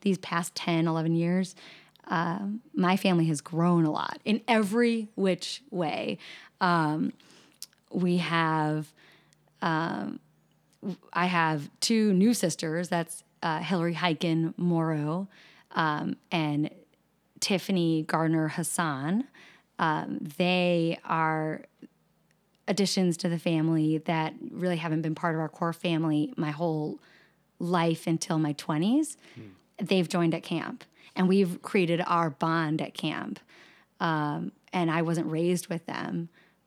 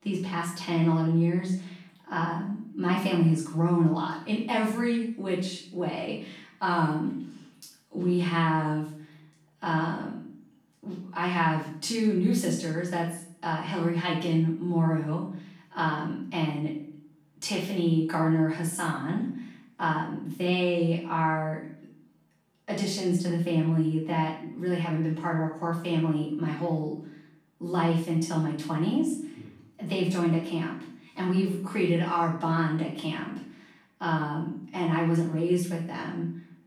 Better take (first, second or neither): first